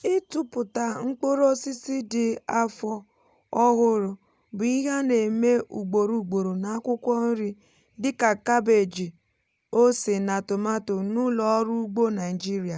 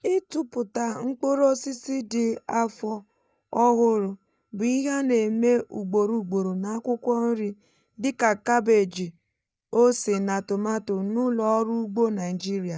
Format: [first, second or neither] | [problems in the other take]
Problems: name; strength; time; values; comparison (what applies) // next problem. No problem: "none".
first | noise reduction (neural mask model DeepFilterNet 3)